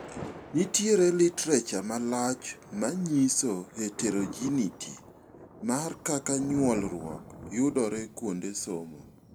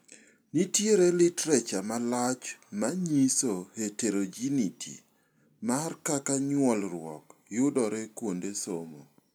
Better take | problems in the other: second | background sound (Thunder); 15 dB below the speech

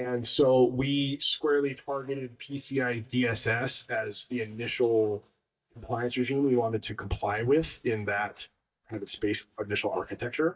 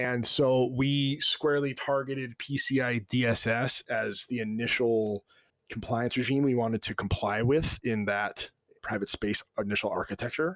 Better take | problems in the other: second | noise reduction (neural mask model DeepFilterNet 3)

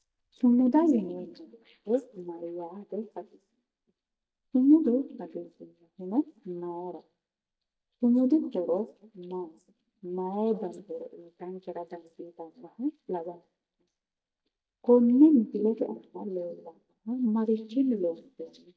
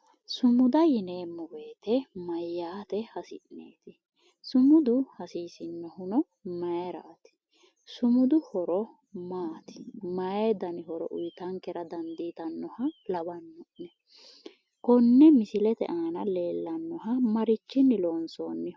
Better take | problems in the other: second | noise reduction (neural mask model DeepFilterNet 3)

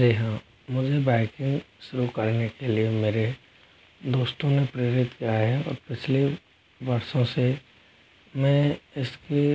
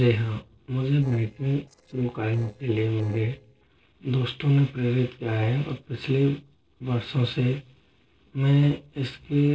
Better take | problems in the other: first | noise reduction (neural separator model SepFormer DNS4)

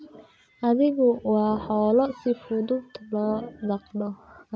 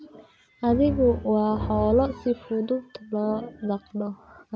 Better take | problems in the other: first | background sound (Bowed string instrument); 7 dB below the speech

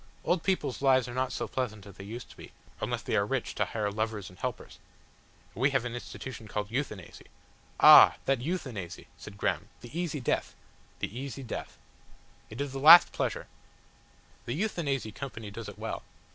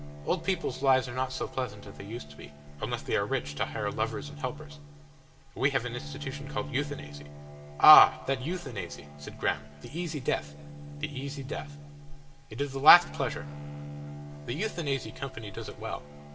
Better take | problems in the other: first | background sound (Bowed string instrument); 13 dB below the speech // room echo; dies away in 2.6 s

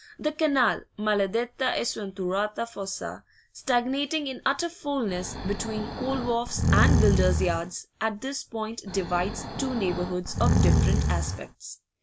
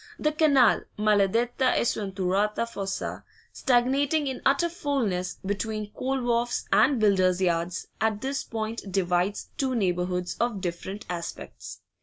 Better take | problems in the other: second | background sound (Breathing); 3 dB above the speech

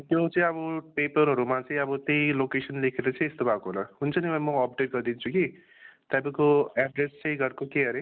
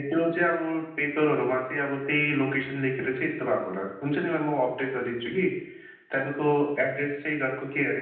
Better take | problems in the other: first | room echo; dies away in 0.9 s

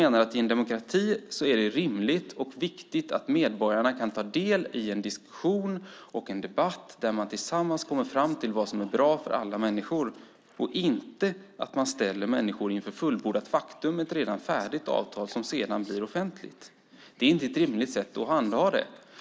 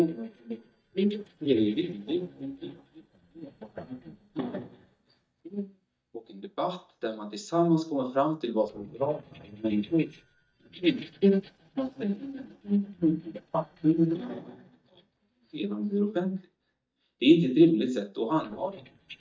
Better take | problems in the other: first | noise reduction (neural mask model DeepFilterNet 3)

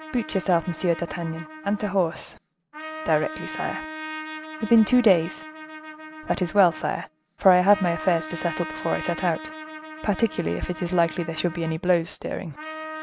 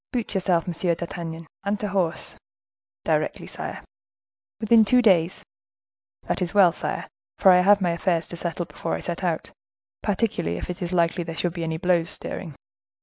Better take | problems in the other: second | background sound (Trumpet); 12 dB below the speech

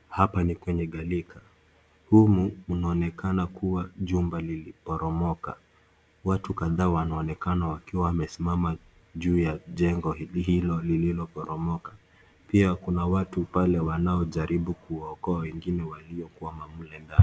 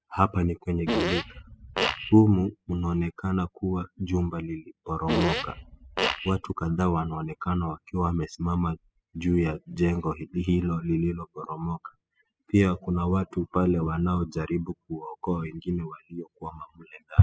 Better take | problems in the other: first | noise reduction (classical method spectral subtraction)

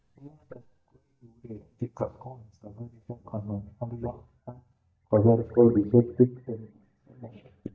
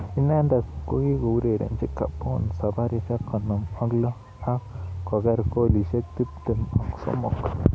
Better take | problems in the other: second | noise reduction (neural mask model DeepFilterNet 3)

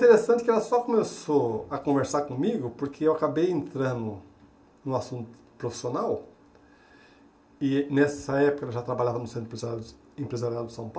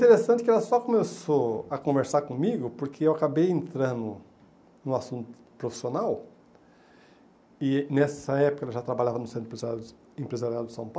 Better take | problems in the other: second | room echo; dies away in 0.2 s

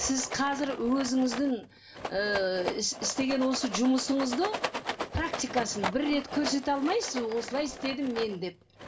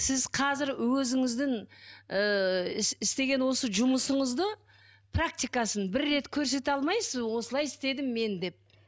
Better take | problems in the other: second | background sound (Rattle); 8 dB below the speech // room echo; dies away in 0.2 s

